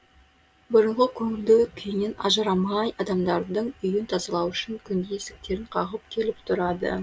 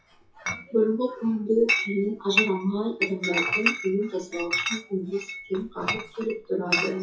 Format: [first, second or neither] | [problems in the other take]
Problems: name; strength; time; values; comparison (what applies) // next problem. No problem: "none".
first | noise reduction (classical method WPE with log-MMSE)